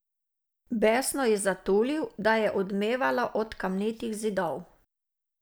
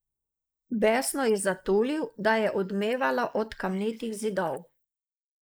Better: first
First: none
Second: noise reduction (neural mask model Resemble Enhance denoiser)

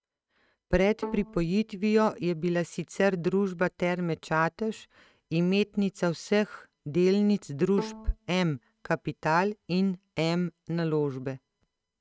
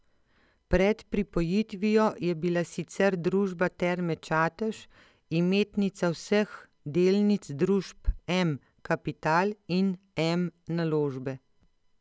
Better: second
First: noise reduction (neural mask model RNNoise)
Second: none

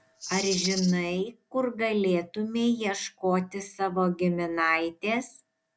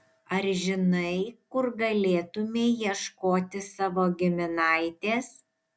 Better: second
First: background sound (Rattle (instrument)); 7 dB below the speech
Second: none

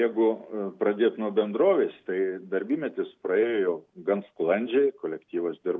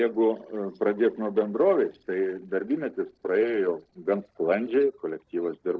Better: first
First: none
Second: noise reduction (neural separator model SepFormer DNS4)

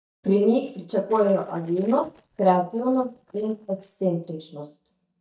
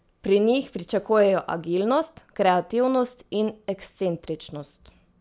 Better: second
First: noise reduction (neural mask model DeepFilterNet 3)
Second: none

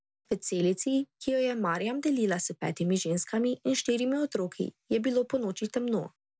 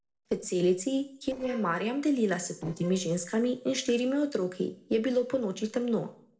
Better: first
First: none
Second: noise reduction (neural separator model SepFormer DNS4)

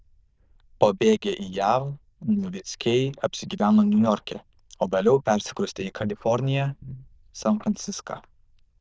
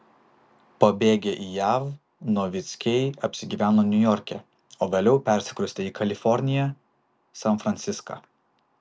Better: second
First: noise reduction (neural diffusion model UNIVERSE++)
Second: none

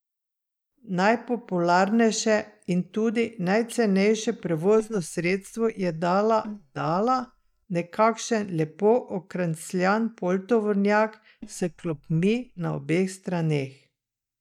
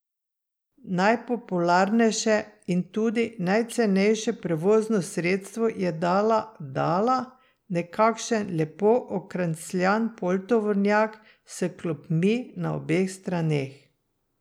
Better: second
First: noise reduction (neural mask model DeepFilterNet 3)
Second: none

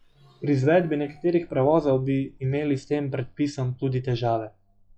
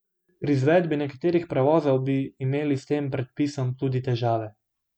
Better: second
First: noise reduction (classical method log-MMSE)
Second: none

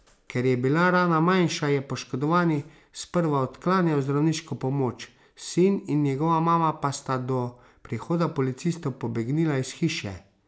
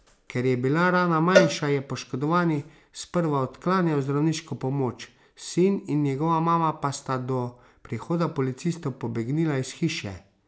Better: first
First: none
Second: background sound (Cowbell); 4 dB below the speech

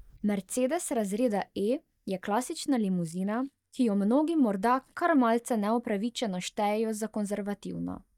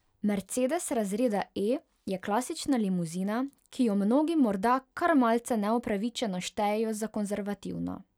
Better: second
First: noise reduction (neural mask model DeepFilterNet 3)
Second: none

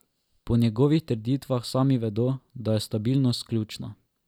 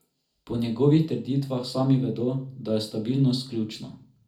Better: first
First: none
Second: room echo; dies away in 0.4 s

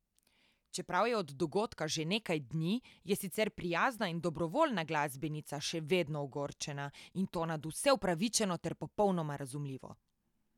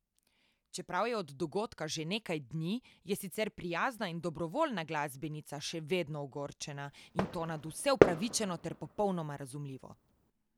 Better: first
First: none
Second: background sound (Fireworks); 2 dB above the speech

